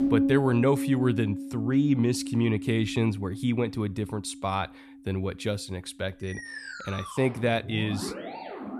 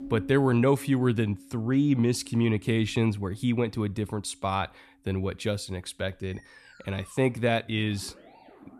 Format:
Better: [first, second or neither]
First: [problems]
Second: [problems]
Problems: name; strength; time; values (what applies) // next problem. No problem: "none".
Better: second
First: background music; loud; throughout; 6 dB below the speech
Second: background music; faint; throughout; 20 dB below the speech